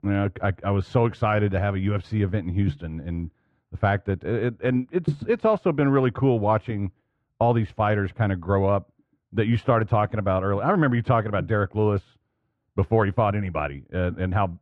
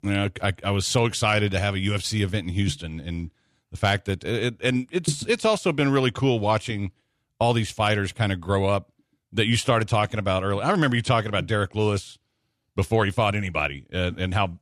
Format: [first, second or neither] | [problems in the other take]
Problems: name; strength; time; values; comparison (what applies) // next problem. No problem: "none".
second | muffled; very; fading above 3.5 kHz